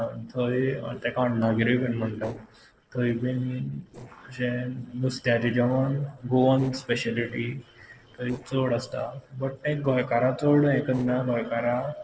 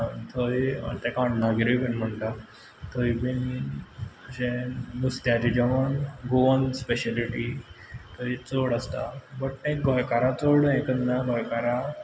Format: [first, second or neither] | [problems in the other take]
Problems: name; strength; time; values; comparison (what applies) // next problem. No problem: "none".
second | noise reduction (neural separator model SepFormer DNS4)